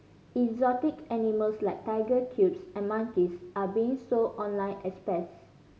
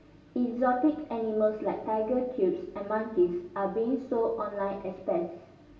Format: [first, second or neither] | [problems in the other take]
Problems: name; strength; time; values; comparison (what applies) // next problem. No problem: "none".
first | room echo; dies away in 0.8 s